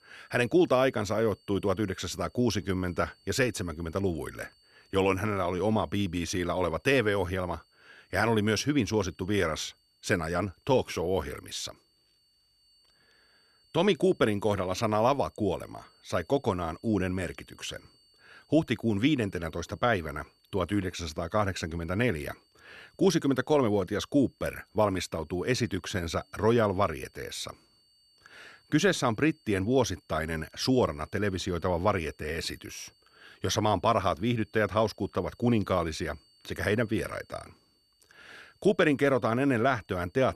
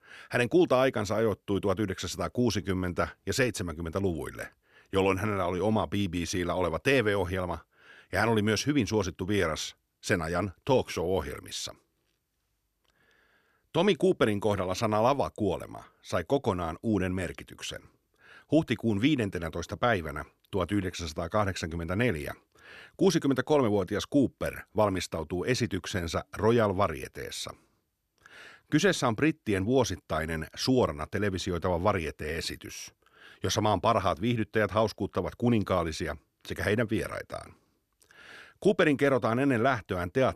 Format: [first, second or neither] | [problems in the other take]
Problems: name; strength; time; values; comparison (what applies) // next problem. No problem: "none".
second | high-pitched whine; faint; throughout; 4.5 kHz, 35 dB below the speech